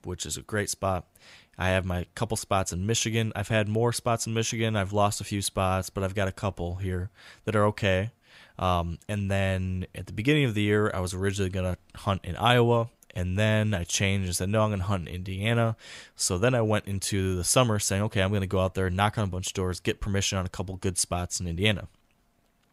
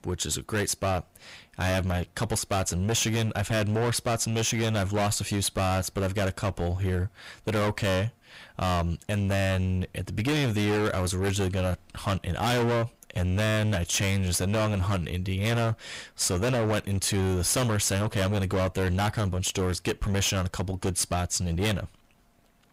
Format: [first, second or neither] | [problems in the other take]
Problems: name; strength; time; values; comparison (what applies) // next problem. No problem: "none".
first | distortion; heavy; 22% of the sound clipped